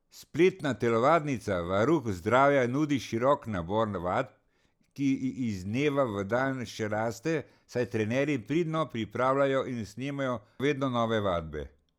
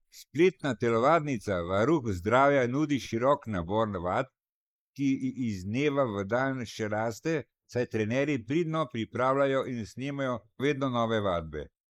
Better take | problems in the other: first | noise reduction (neural mask model Resemble Enhance denoiser)

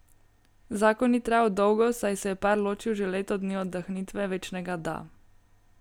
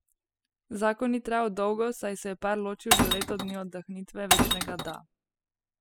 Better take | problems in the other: first | noise reduction (classical method spectral subtraction)

